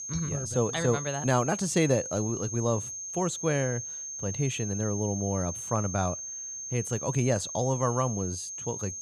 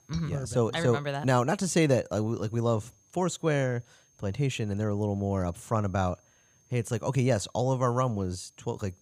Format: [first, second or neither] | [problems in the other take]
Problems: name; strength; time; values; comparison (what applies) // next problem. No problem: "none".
second | high-pitched whine; loud; throughout; 6.5 kHz, 5 dB below the speech; faint in the second